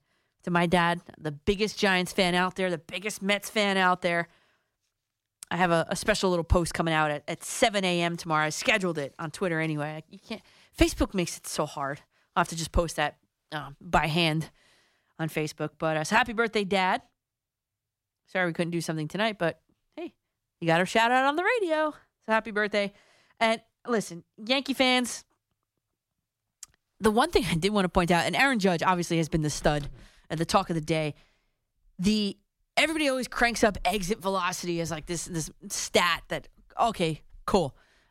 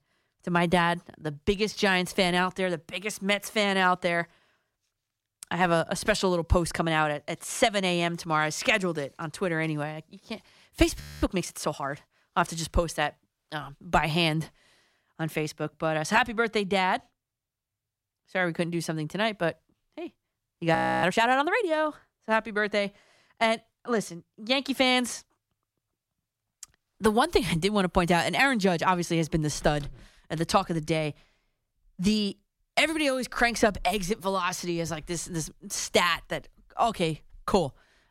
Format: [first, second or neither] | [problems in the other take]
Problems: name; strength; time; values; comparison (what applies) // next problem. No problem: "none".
first | audio freezing; at 11 s and at 21 s